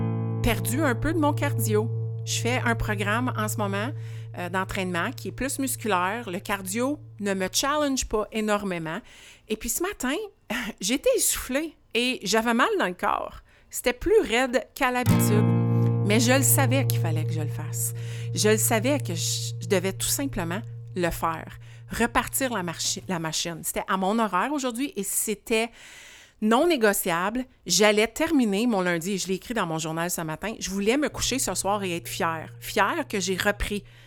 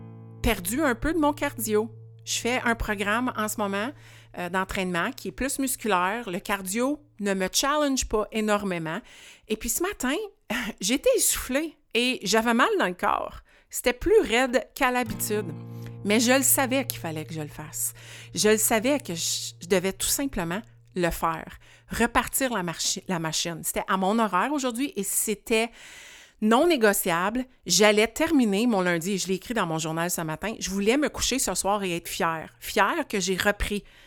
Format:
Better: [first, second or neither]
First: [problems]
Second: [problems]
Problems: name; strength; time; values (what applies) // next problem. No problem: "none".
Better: second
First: background music; loud; throughout; 4 dB below the speech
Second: background music; faint; throughout; 20 dB below the speech